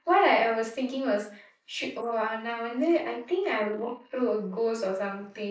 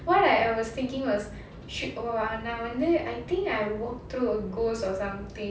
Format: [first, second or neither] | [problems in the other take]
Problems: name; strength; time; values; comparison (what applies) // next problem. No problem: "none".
second | noise reduction (neural mask model Resemble Enhance denoiser)